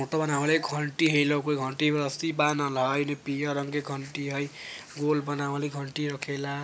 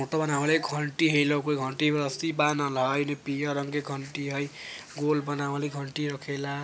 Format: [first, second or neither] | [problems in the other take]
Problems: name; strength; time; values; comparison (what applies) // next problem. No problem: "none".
second | noise reduction (neural mask model Resemble Enhance denoiser)